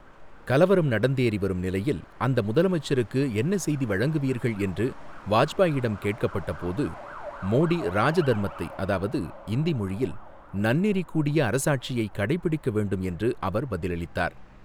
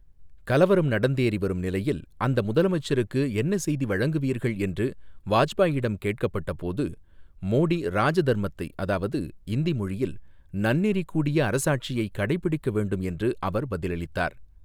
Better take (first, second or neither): second